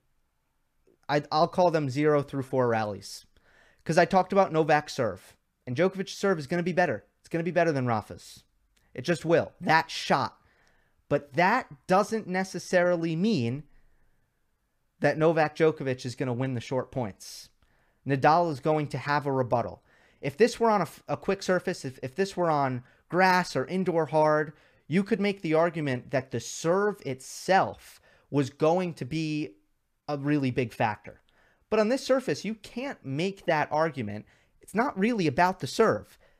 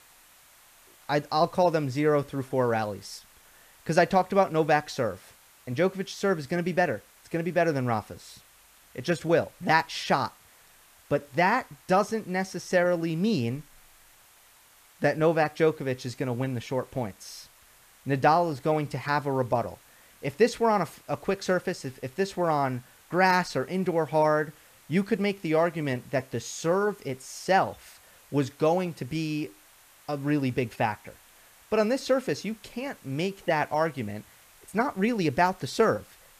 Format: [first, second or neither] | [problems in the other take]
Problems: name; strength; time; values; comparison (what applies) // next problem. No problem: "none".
first | hiss; faint; throughout; 25 dB below the speech